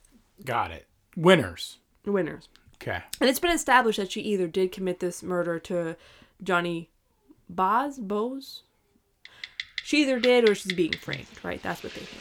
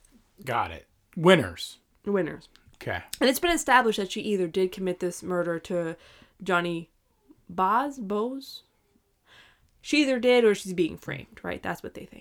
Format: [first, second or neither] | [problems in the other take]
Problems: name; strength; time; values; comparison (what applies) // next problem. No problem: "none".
second | household noises; loud; from 9.5 s on; 10 dB below the speech